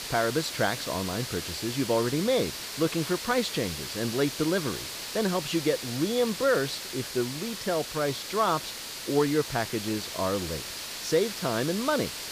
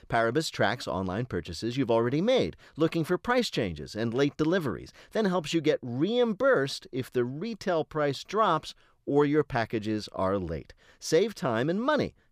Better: second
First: hiss; loud; throughout; 6 dB below the speech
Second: none

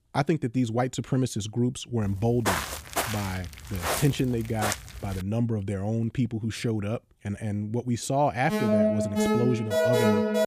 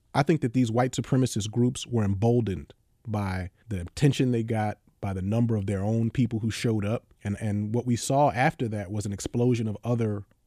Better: second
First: footsteps; loud; from 2 to 5 s; peak 1 dB above the speech // alarm; loud; from 8.5 s on; peak 6 dB above the speech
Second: none

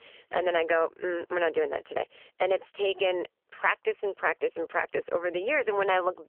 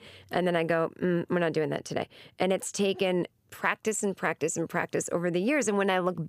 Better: second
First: phone-call audio; poor line; nothing above 3 kHz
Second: none

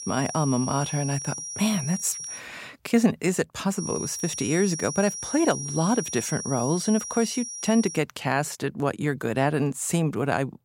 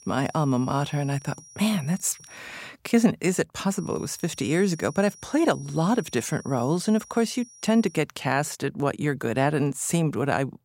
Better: second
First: high-pitched whine; loud; until 2.5 s and from 4 to 8 s; 5.5 kHz, 7 dB below the speech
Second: high-pitched whine; faint; until 2.5 s and from 4 to 8 s; 5.5 kHz, 20 dB below the speech

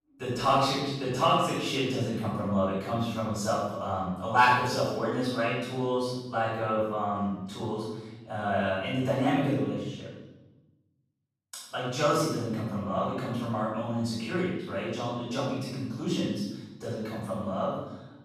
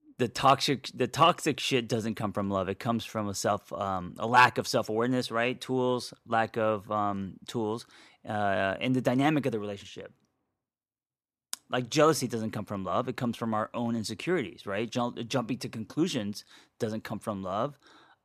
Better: second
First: off-mic speech; far // room echo; strong; dies away in 1 s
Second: none

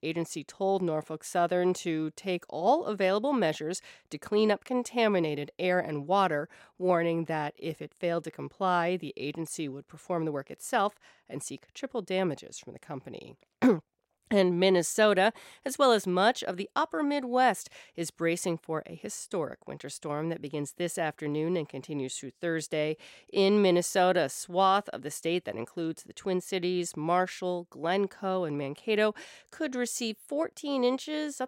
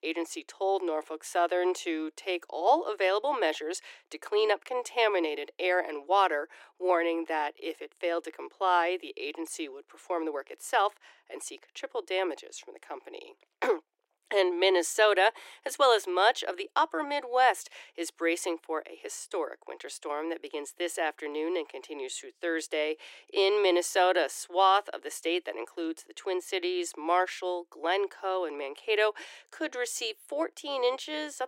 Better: first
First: none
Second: thin; very; fading below 300 Hz

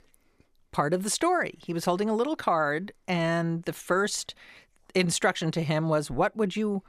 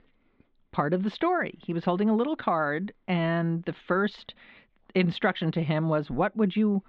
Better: first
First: none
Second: muffled; very; fading above 3.5 kHz

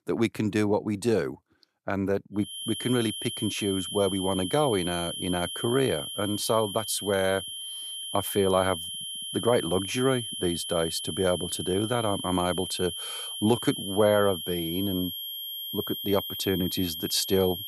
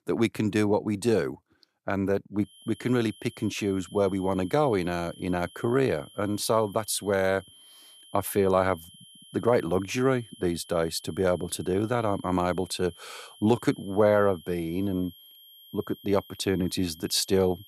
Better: second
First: high-pitched whine; loud; from 2.5 s on; 3 kHz, 5 dB below the speech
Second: high-pitched whine; faint; from 2.5 s on; 3 kHz, 20 dB below the speech

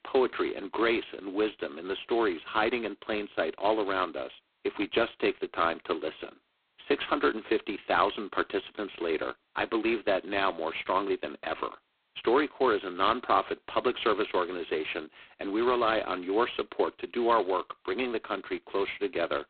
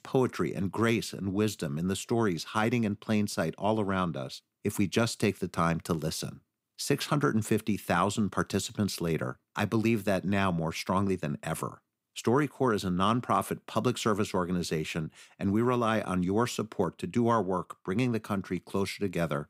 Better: second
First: phone-call audio; poor line; nothing above 4 kHz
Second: none

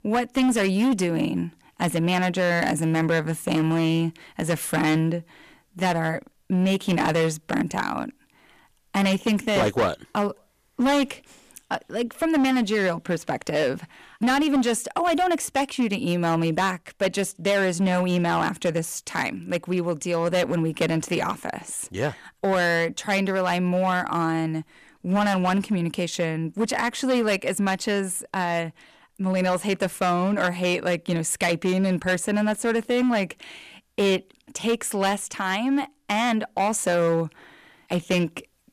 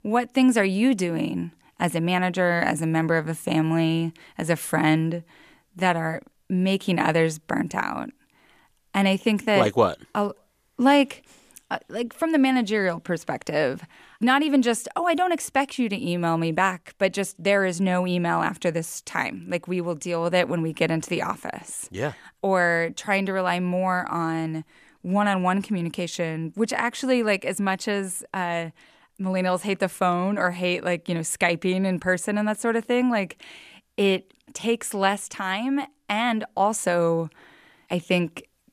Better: second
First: distortion; slight; 9% of the sound clipped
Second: none

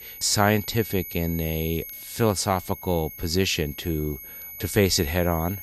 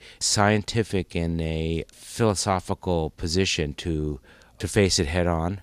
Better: second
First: high-pitched whine; noticeable; throughout; 11.5 kHz, 10 dB below the speech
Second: none

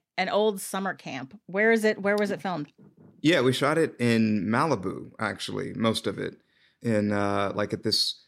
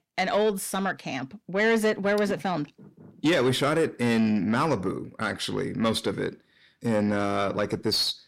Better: first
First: none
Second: distortion; slight; 10 dB below the speech

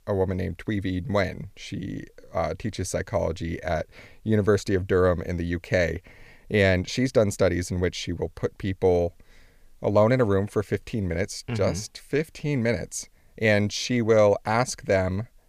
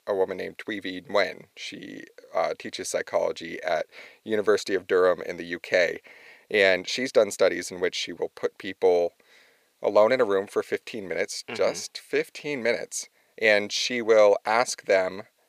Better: first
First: none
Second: thin; somewhat; fading below 450 Hz

